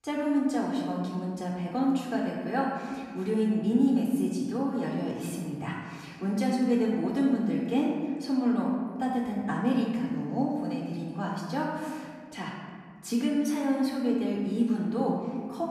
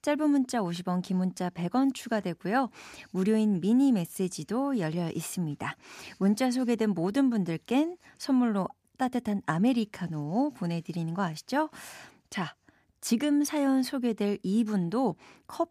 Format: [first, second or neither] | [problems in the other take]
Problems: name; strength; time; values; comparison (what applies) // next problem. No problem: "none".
second | off-mic speech; far // room echo; noticeable; dies away in 1.7 s